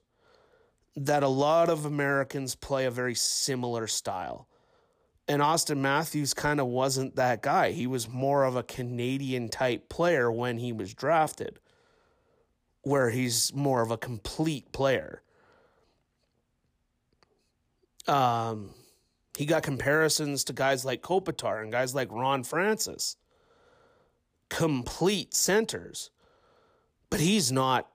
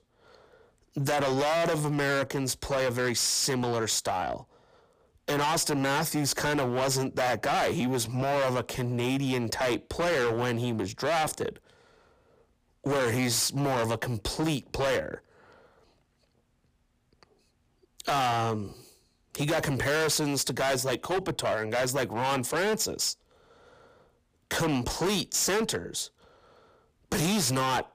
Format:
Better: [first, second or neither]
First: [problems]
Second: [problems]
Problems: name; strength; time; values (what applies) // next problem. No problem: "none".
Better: first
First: none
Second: distortion; heavy; 20% of the sound clipped